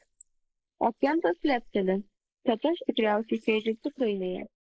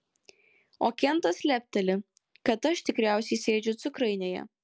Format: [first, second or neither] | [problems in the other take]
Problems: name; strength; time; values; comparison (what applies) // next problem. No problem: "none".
second | noise reduction (neural mask model Resemble Enhance denoiser)